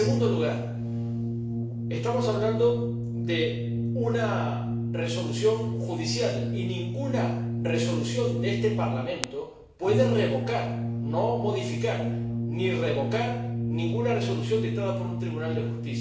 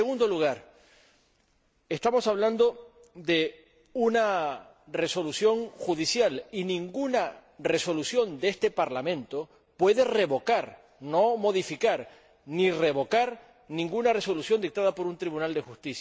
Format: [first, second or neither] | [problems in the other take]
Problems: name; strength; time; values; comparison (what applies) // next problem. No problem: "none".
second | background sound (Brass instrument); 1 dB above the speech // room echo; dies away in 0.7 s